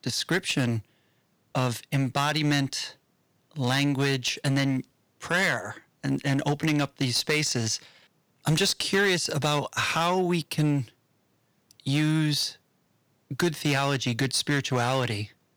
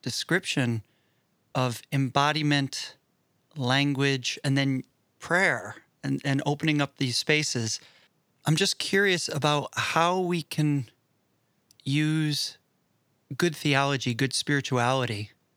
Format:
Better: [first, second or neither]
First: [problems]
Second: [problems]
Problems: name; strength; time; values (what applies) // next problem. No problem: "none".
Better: second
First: distortion; slight; 6% of the sound clipped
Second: none